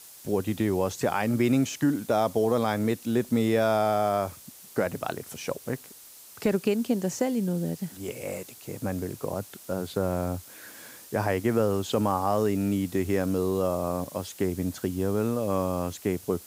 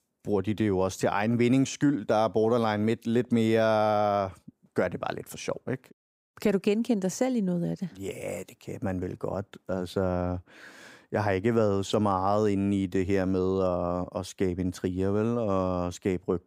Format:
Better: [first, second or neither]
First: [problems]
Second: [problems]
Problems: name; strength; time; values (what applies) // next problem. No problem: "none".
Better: second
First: hiss; noticeable; throughout; 15 dB below the speech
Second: none